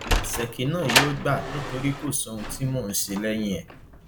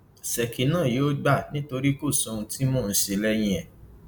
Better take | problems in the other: second | background sound (Sliding door); 1 dB below the speech

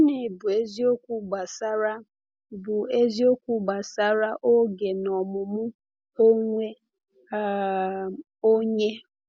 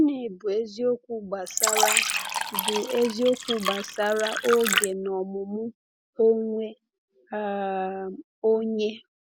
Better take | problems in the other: first | background sound (Fill (with liquid)); as loud as the speech

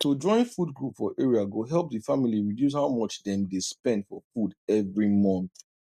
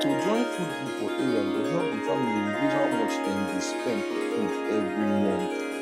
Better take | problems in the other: first | background sound (Harp); 2 dB above the speech

